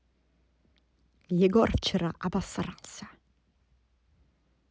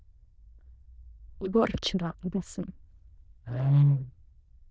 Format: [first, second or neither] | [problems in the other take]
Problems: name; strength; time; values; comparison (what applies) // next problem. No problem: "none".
first | noise reduction (neural diffusion model UNIVERSE++)